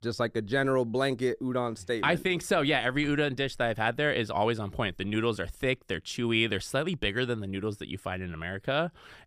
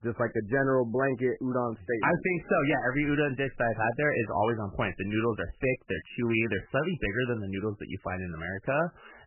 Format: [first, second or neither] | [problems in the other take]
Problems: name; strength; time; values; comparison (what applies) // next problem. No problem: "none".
first | garbled, watery; badly; nothing above 3 kHz